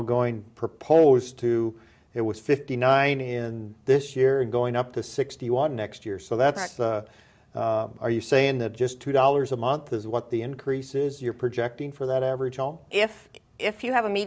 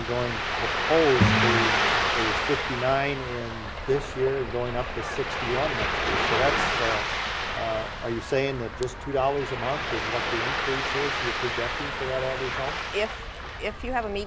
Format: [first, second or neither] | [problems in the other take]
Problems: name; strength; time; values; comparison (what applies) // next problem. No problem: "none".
first | background sound (Bowed string instrument + Ocean); 1 dB above the speech